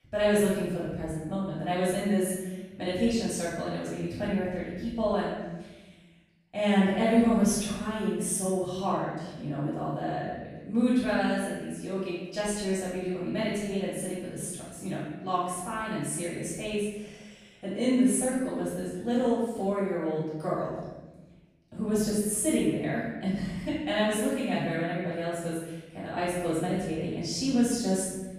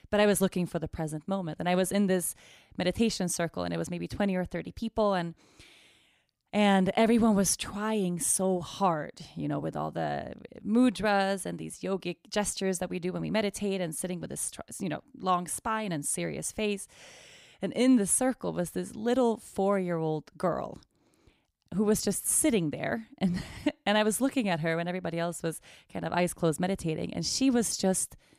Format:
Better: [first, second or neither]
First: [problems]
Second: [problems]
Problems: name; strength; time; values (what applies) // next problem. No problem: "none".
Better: second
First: off-mic speech; far // room echo; strong; dies away in 1.1 s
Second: none